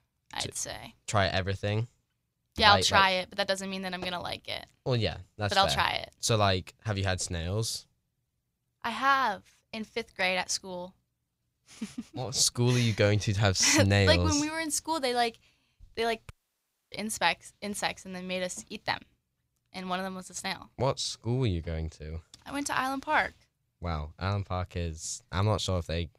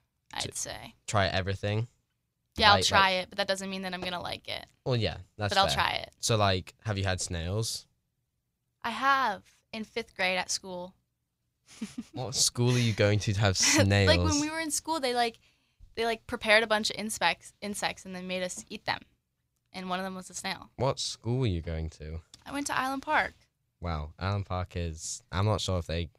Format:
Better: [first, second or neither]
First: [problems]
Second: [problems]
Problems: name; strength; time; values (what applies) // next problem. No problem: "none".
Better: second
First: audio cutting out; at 16 s for 0.5 s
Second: none